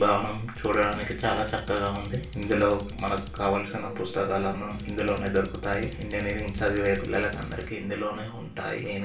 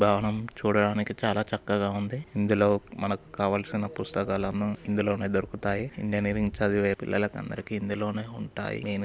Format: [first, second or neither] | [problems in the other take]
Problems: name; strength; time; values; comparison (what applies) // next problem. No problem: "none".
second | background sound (Drum kit); 12 dB below the speech // room echo; dies away in 0.3 s